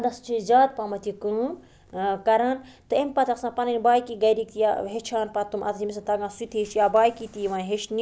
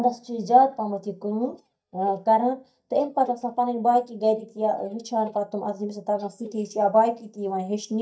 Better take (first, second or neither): first